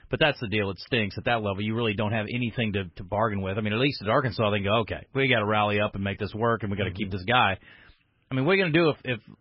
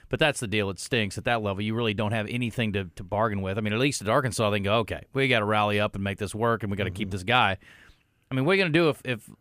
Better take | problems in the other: second | garbled, watery; badly; nothing above 5.5 kHz

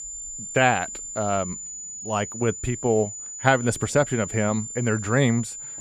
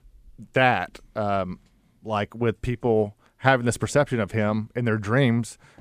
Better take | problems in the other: second | high-pitched whine; loud; throughout; 7 kHz, 9 dB below the speech

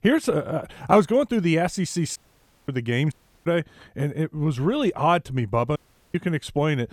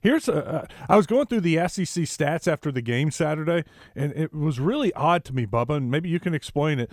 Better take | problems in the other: second | audio cutting out; at 2 s for 0.5 s, at 3 s and at 6 s

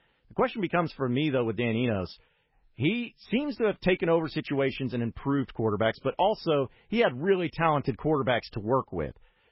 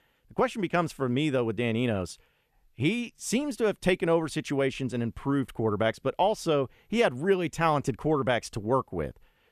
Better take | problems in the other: second | garbled, watery; badly; nothing above 5.5 kHz

